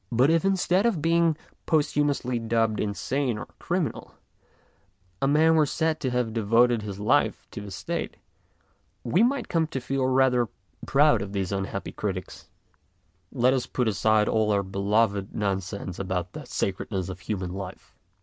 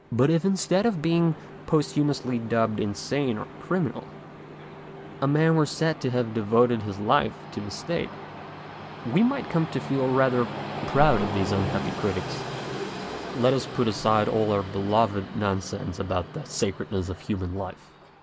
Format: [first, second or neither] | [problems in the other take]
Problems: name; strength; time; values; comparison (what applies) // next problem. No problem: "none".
first | background sound (Train); 11 dB below the speech